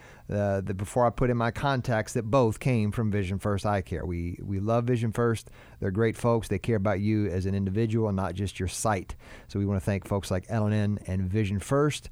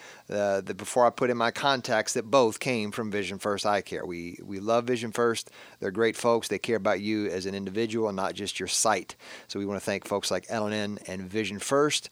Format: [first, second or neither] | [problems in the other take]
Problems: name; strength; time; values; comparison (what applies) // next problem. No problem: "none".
first | thin; somewhat; fading below 300 Hz